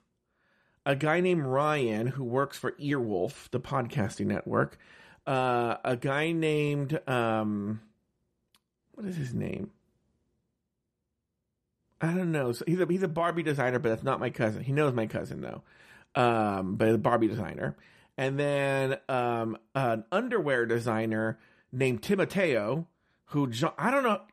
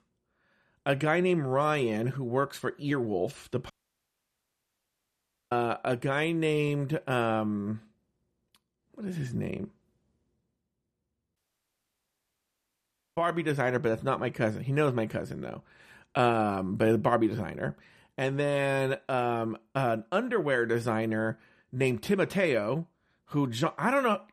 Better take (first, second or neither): first